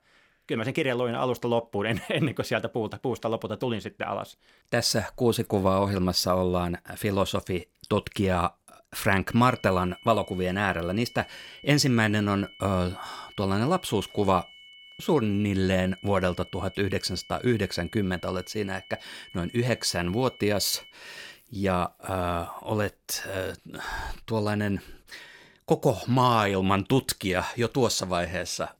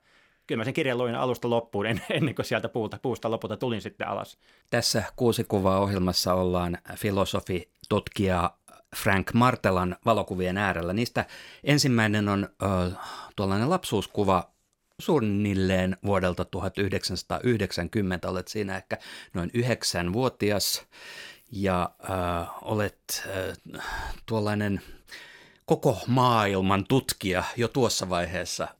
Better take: second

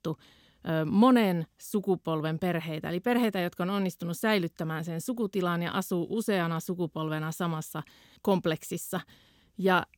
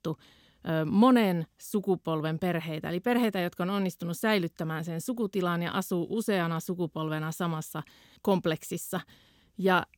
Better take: neither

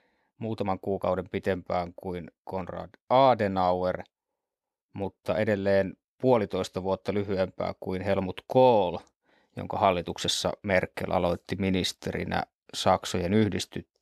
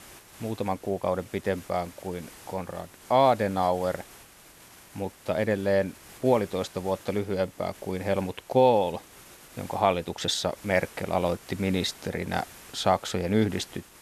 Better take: first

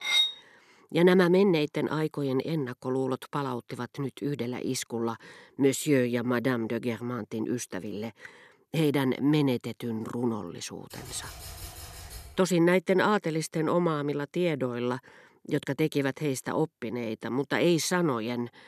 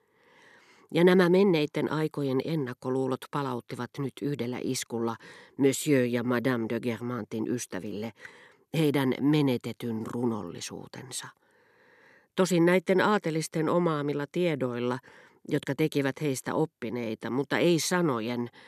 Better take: second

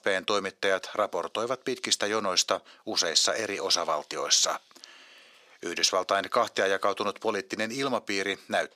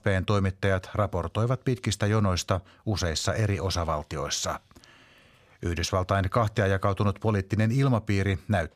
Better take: second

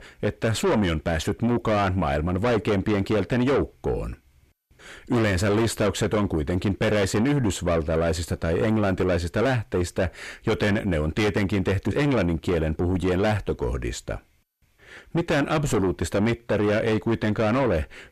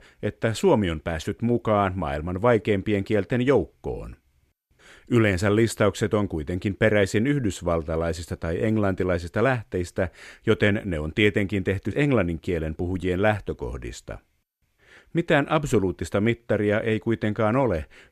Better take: second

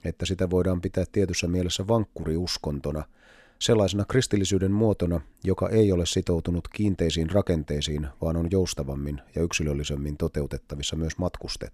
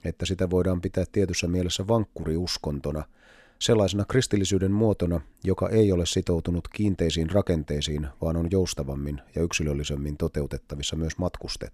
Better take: neither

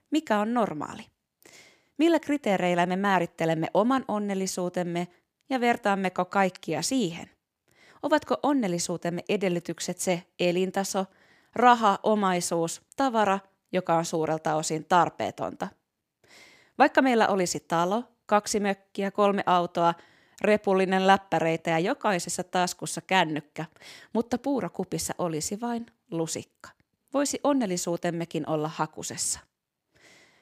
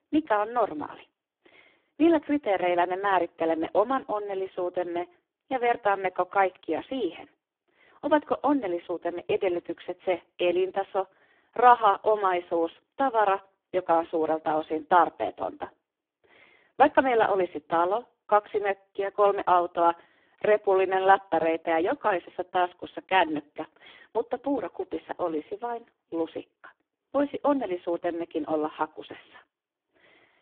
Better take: first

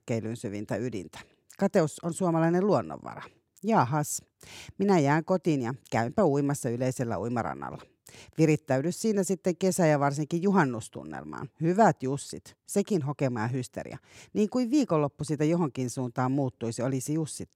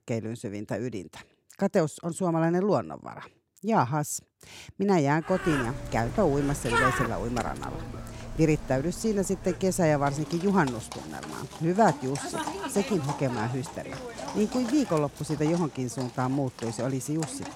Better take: first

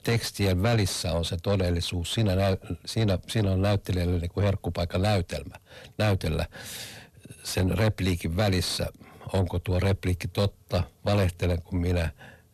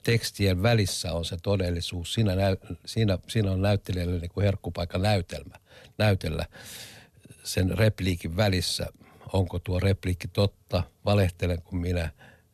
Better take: second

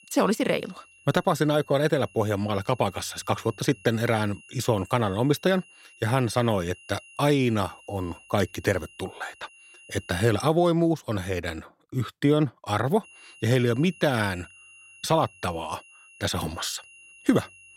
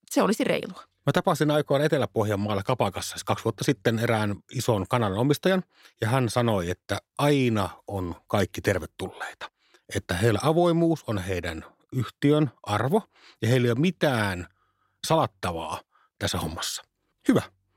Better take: second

